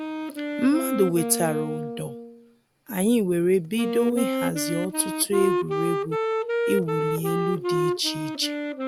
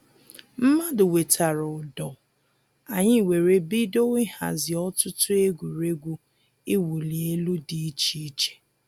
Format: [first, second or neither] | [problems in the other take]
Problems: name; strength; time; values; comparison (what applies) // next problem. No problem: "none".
second | background sound (Wind instrument, woodwind instrument); 2 dB below the speech